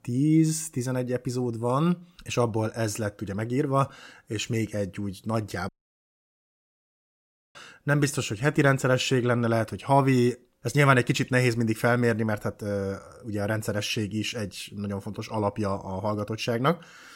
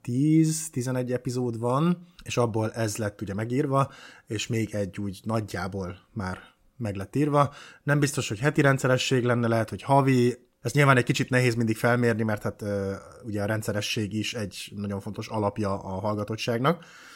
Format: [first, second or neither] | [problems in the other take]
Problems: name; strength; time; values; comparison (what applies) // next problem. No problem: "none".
second | audio cutting out; at 5.5 s for 2 s